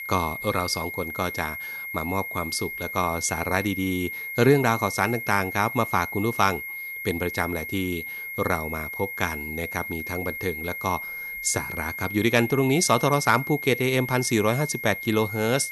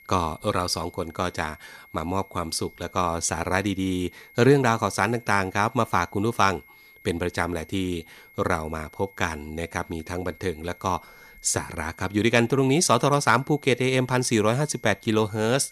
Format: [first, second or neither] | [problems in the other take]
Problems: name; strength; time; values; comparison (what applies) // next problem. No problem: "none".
second | high-pitched whine; loud; throughout; 2 kHz, 7 dB below the speech; faint in the second